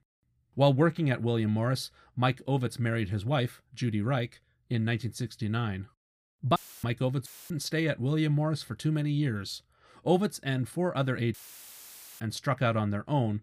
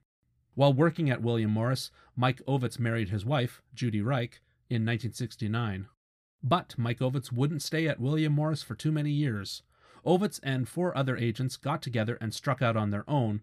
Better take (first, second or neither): second